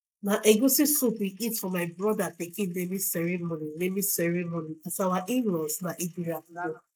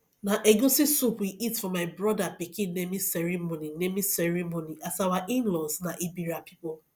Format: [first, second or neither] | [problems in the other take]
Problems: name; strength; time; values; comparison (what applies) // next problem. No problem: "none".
second | noise reduction (neural mask model Resemble Enhance denoiser)